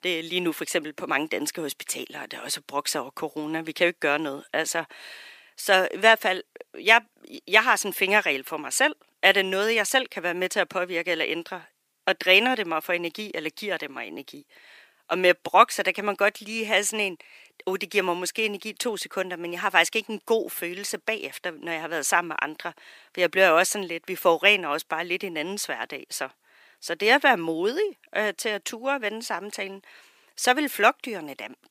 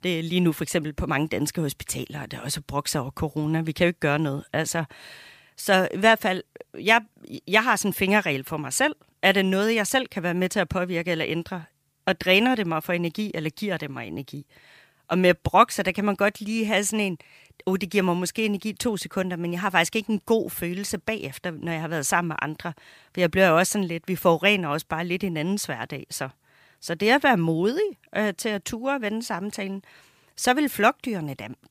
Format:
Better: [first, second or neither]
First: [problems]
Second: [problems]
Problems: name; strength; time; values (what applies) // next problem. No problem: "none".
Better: second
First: thin; somewhat; fading below 300 Hz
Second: none